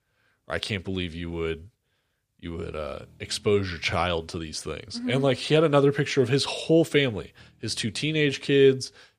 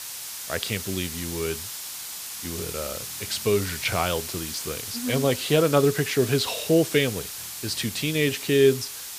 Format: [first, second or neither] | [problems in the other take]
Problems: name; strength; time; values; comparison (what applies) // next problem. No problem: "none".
first | hiss; loud; throughout; 8 dB below the speech